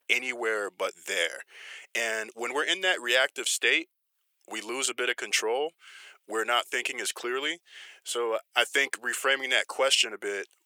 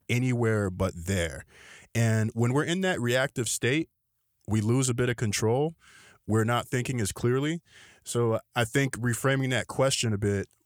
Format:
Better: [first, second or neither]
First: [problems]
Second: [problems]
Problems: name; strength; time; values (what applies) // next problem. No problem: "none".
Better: second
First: thin; very; fading below 400 Hz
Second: none